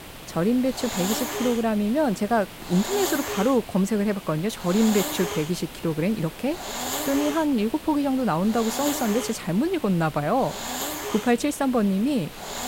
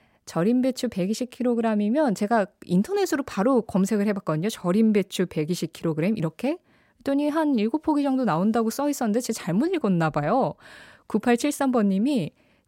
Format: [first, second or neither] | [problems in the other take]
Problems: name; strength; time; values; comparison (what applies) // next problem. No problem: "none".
second | hiss; loud; throughout; 8 dB below the speech